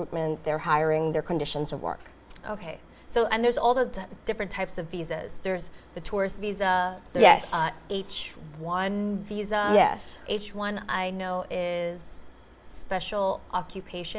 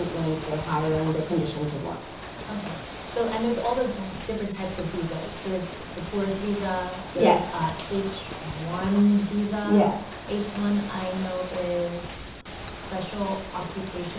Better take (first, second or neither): first